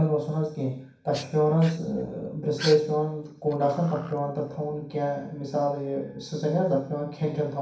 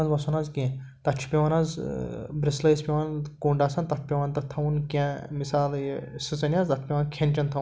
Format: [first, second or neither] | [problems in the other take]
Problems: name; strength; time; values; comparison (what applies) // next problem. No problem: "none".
second | background sound (Dog); 15 dB below the speech // room echo; dies away in 0.6 s